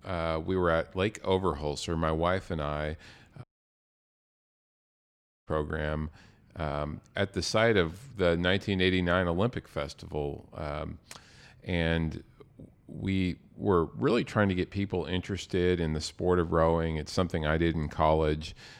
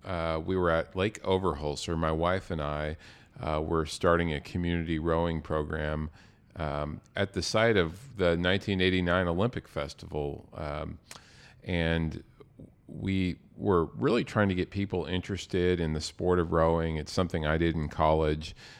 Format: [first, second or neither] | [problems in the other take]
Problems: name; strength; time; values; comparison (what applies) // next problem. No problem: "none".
second | audio cutting out; at 3.5 s for 2 s